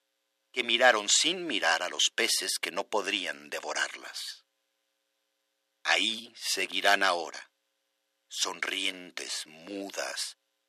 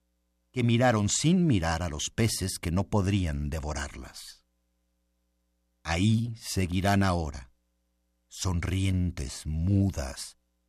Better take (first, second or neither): second